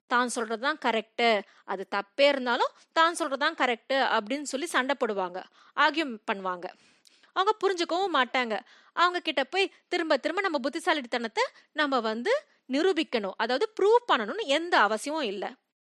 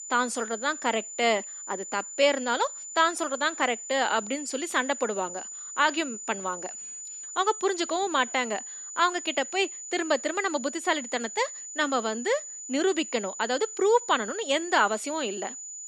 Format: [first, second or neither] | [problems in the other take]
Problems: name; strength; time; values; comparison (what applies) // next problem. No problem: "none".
first | high-pitched whine; loud; throughout; 7 kHz, 9 dB below the speech